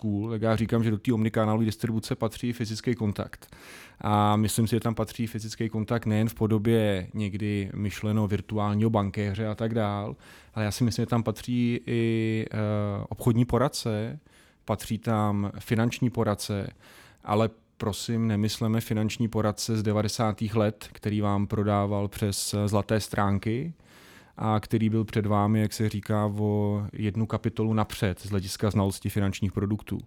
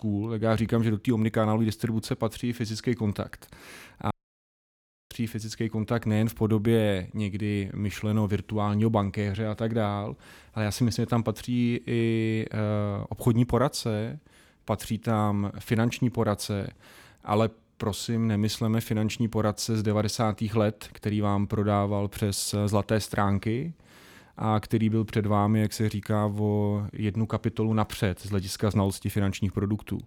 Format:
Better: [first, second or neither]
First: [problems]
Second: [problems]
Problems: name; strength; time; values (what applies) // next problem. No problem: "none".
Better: first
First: none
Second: audio cutting out; at 4 s for 1 s